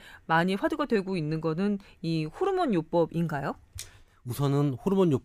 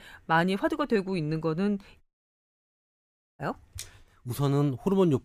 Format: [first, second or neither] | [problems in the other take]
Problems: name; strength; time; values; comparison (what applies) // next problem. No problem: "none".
first | audio cutting out; at 2 s for 1.5 s